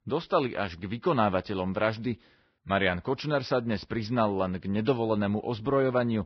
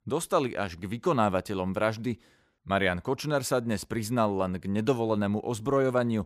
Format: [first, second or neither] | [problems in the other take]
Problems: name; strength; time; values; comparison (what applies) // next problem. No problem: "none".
second | garbled, watery; badly; nothing above 5.5 kHz